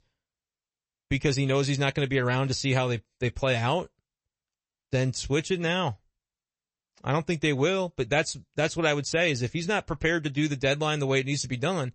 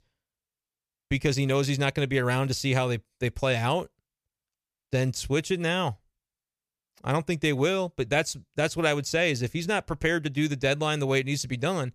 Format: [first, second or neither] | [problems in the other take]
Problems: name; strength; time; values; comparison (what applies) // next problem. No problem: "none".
second | garbled, watery; slightly; nothing above 8 kHz